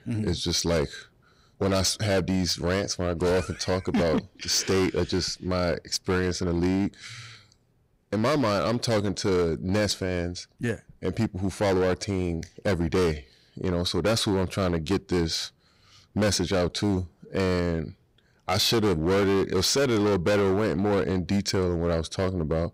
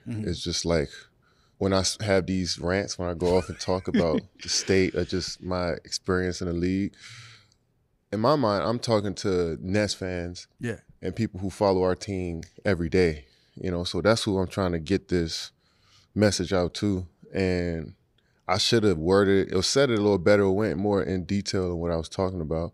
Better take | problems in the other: second | distortion; heavy; 14% of the sound clipped

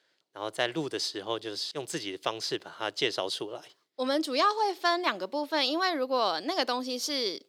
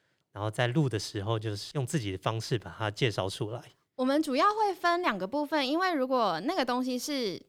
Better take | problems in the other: second | thin; very slightly; fading below 350 Hz

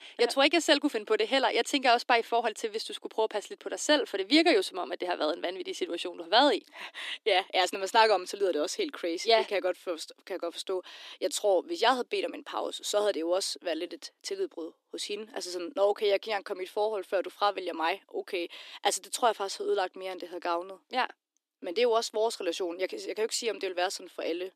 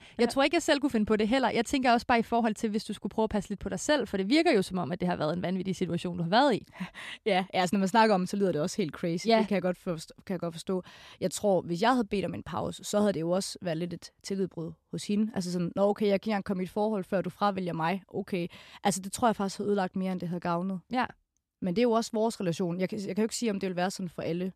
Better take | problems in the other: second | thin; somewhat; fading below 300 Hz

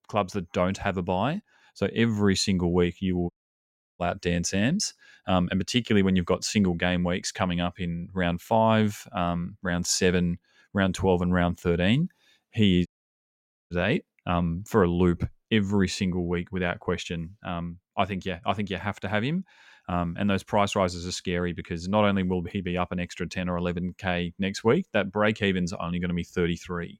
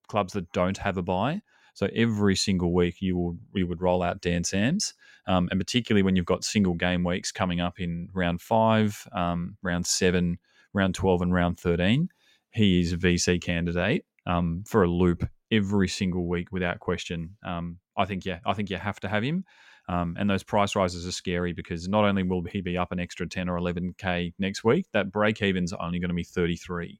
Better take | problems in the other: second | audio cutting out; at 3.5 s for 0.5 s and at 13 s for 1 s

